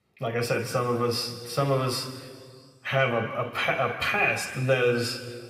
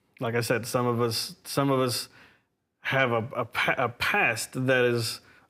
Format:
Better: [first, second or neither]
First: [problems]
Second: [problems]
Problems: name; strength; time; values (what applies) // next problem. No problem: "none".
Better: second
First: room echo; slight; dies away in 1.9 s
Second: none